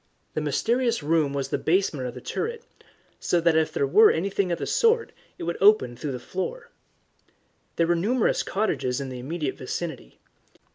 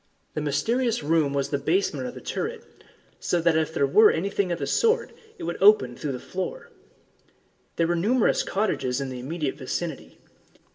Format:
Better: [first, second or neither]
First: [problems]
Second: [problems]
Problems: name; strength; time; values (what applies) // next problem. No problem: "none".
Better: first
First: none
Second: room echo; dies away in 0.7 s